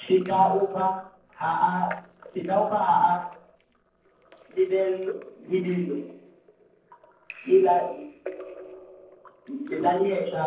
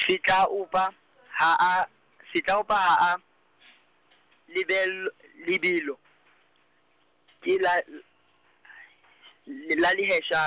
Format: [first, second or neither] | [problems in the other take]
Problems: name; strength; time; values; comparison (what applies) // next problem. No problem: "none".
second | noise reduction (neural separator model SepFormer DNS4)